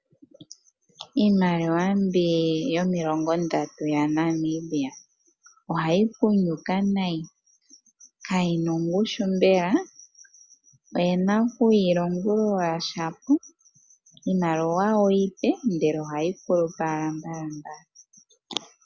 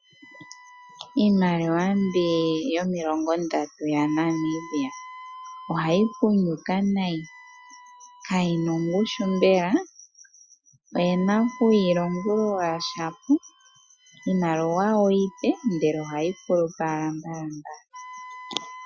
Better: first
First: none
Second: noise reduction (classical method Wiener filter)

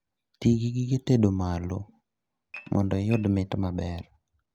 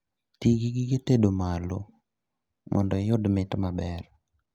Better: second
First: background sound (Dishes, pots, and pans / Glass); 18 dB below the speech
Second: none

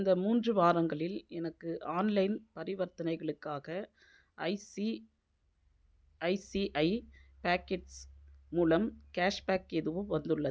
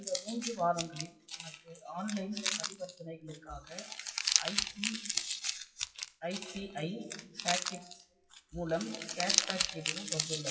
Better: first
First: none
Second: noise reduction (classical method WPE with log-MMSE)

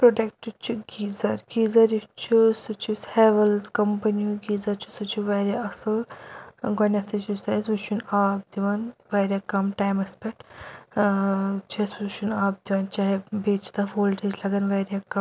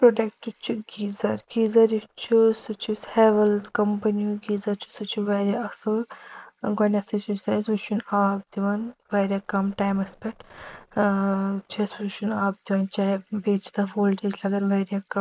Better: first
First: none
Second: noise reduction (neural mask model Resemble Enhance denoiser)

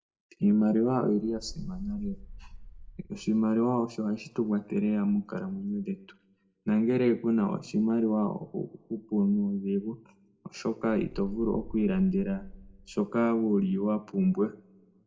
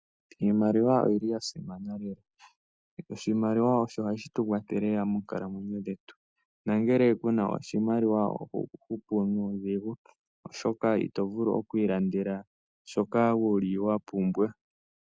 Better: second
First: background sound (Wind); 15 dB below the speech // room echo; dies away in 0.4 s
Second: none

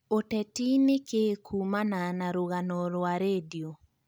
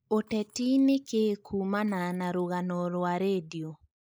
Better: first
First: none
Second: noise reduction (neural mask model Resemble Enhance denoiser)

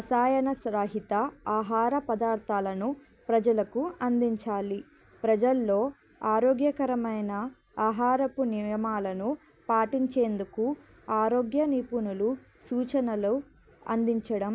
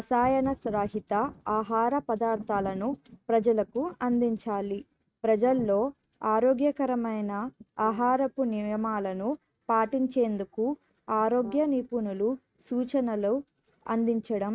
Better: first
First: none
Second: noise reduction (neural mask model RNNoise)

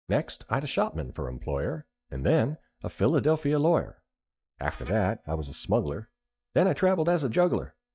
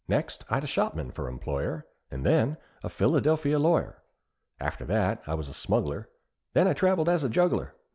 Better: second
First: noise reduction (neural mask model DeepFilterNet 3)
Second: none

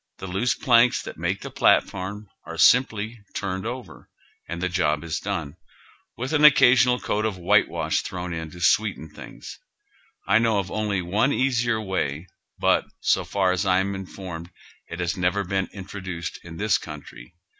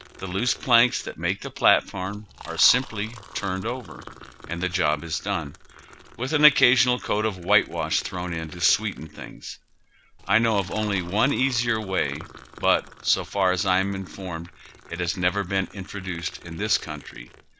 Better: first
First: none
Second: background sound (Liquid); 19 dB below the speech

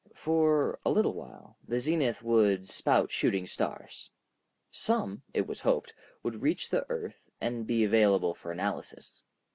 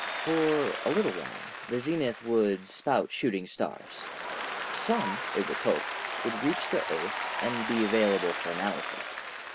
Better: first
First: none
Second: background sound (Applause); 5 dB below the speech

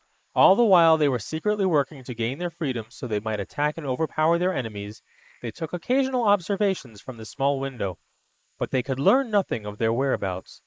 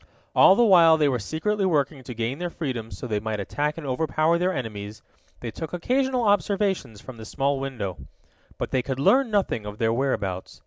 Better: second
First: noise reduction (neural mask model Resemble Enhance denoiser)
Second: none

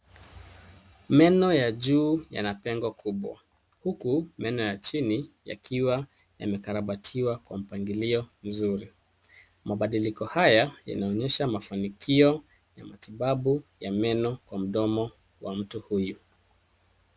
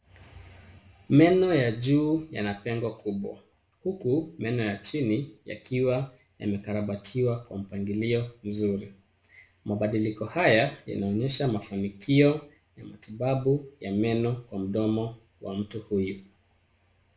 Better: first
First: none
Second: room echo; dies away in 0.4 s

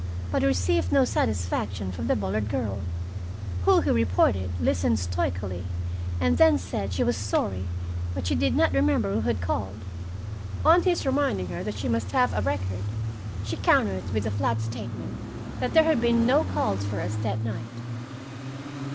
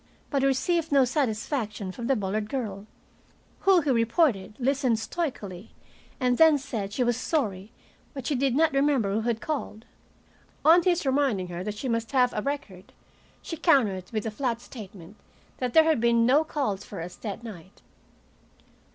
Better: second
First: background sound (Idling / Engine starting / Accelerating, revving, vroom / Car); 3 dB below the speech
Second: none

